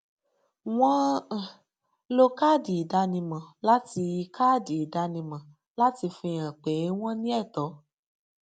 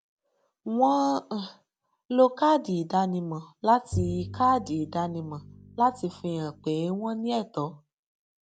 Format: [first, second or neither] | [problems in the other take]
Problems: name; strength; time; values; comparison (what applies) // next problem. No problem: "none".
first | background sound (Bowed string instrument); 10 dB below the speech